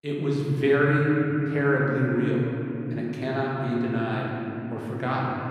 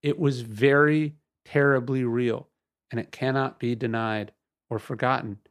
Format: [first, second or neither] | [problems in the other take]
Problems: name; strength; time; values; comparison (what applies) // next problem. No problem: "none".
second | room echo; noticeable; dies away in 3 s // off-mic speech; far